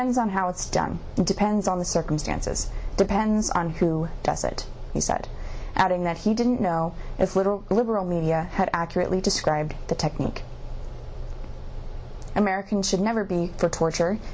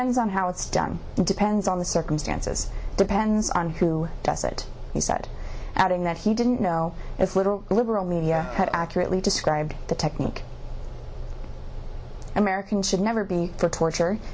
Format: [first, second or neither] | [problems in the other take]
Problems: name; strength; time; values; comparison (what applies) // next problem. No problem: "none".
first | background sound (Burping, eructation); 12 dB below the speech